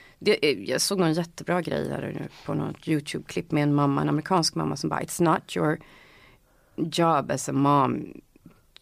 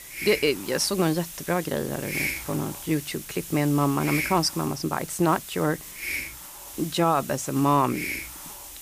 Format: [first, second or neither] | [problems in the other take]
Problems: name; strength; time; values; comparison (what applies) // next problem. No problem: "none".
first | hiss; loud; throughout; 8 dB below the speech